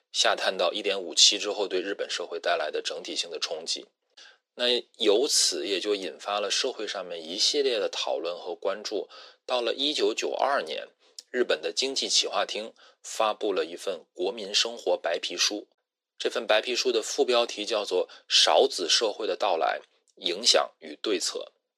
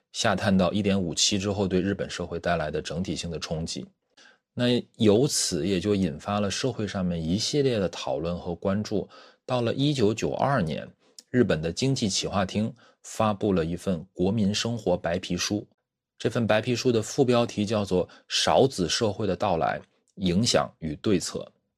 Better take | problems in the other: second | thin; very; fading below 350 Hz

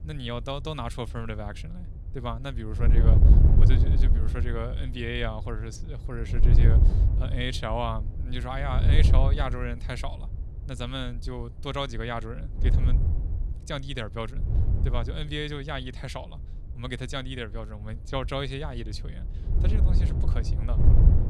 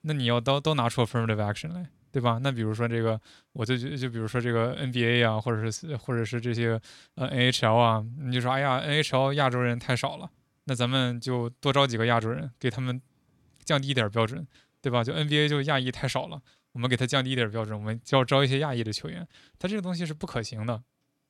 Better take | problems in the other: second | wind noise on the microphone; heavy; 5 dB below the speech

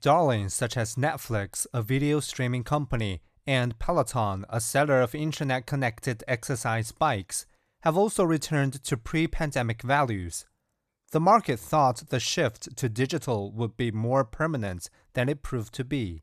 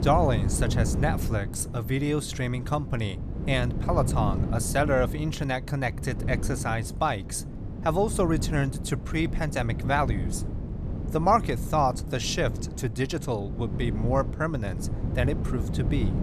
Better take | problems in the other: first | wind noise on the microphone; occasional gusts; 10 dB below the speech

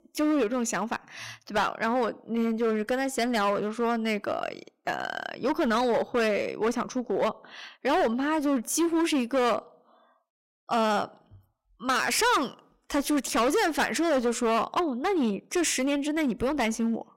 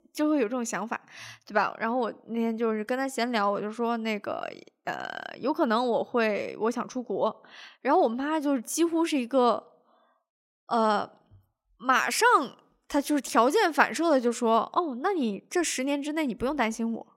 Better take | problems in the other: second | distortion; heavy; 12% of the sound clipped

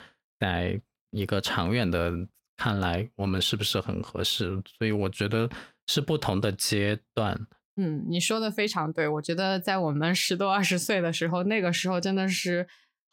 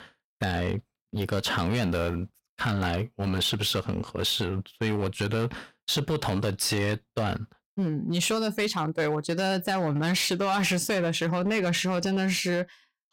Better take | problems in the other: first | distortion; slight; 10% of the sound clipped

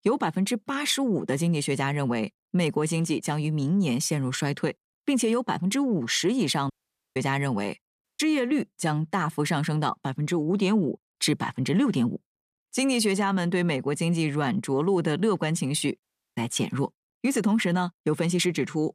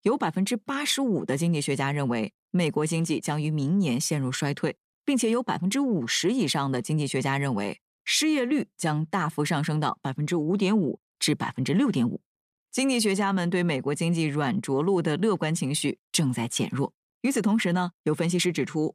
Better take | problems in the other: second | audio cutting out; at 6.5 s, at 8 s and at 16 s

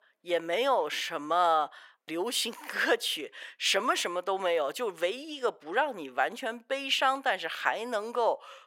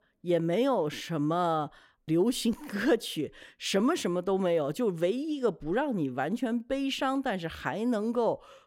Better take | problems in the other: second | thin; very; fading below 750 Hz

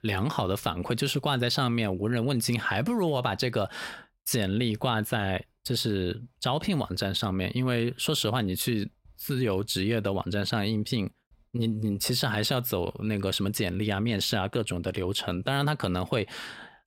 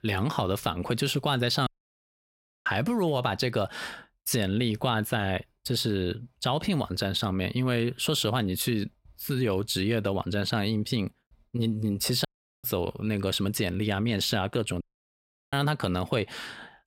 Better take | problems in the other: first | audio cutting out; at 1.5 s for 1 s, at 12 s and at 15 s for 0.5 s

